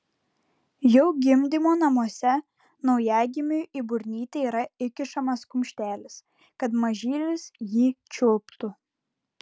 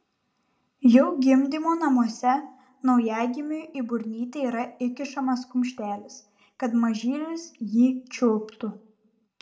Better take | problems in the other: first | room echo; dies away in 0.3 s

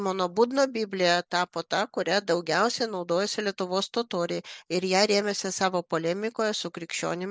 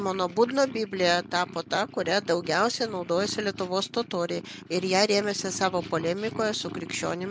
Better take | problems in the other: first | background sound (Purr); 15 dB below the speech

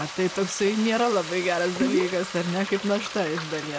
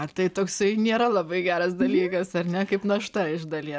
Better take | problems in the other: second | background sound (Frying (food)); 10 dB below the speech

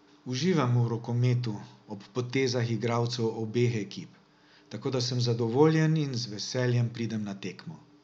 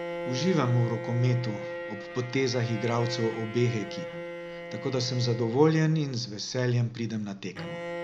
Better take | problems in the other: first | background sound (Bowed string instrument); 10 dB below the speech

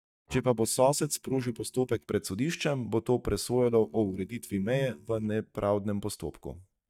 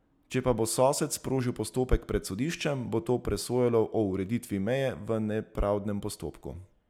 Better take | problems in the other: second | noise reduction (neural mask model DeepFilterNet 3)

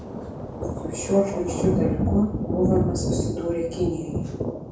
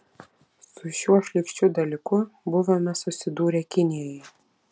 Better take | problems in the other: second | background sound (Thunder); as loud as the speech // room echo; dies away in 0.6 s

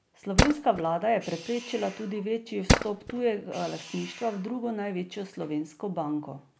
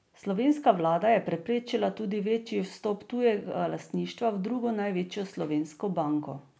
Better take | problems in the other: second | background sound (Tools); as loud as the speech

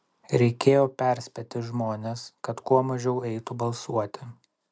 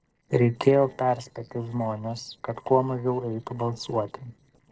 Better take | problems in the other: first | noise reduction (neural separator model SepFormer DNS4)

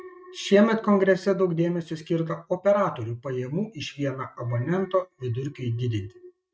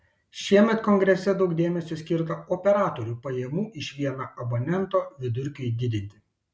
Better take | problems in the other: second | noise reduction (neural mask model RNNoise)

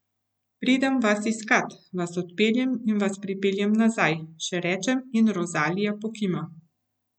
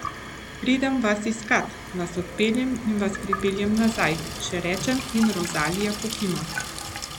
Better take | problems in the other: first | background sound (Sink (filling or washing) / Water tap, faucet); 8 dB below the speech

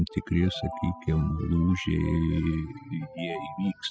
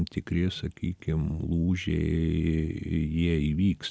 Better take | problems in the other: second | noise reduction (classical method spectral subtraction)

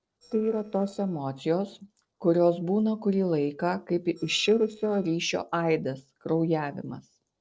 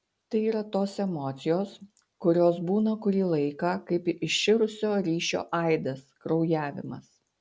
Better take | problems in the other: second | noise reduction (neural separator model SepFormer DNS4)

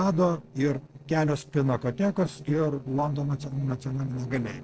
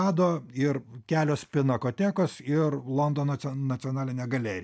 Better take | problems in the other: second | noise reduction (neural separator model SepFormer DNS4)

